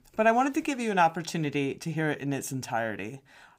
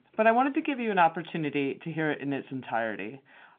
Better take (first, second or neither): first